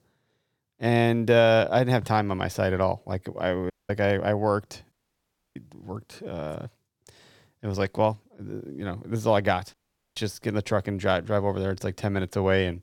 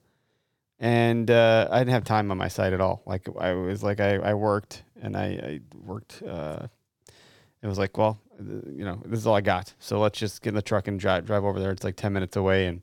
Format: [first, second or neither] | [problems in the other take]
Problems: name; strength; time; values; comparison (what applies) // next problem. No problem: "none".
second | audio cutting out; at 3.5 s, at 5 s for 0.5 s and at 9.5 s